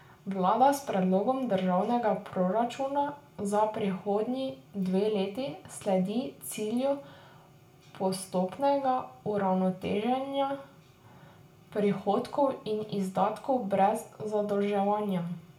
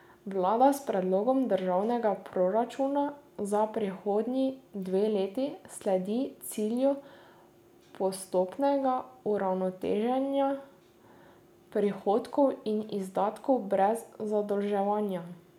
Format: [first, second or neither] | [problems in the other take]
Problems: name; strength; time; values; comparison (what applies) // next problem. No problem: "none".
second | room echo; dies away in 0.2 s